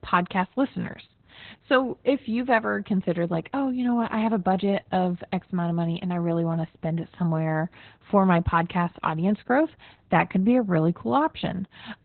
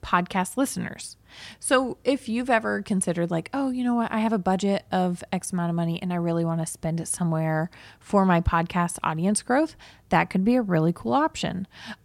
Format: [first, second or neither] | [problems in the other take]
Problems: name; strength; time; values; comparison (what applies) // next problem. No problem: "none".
second | garbled, watery; badly; nothing above 4 kHz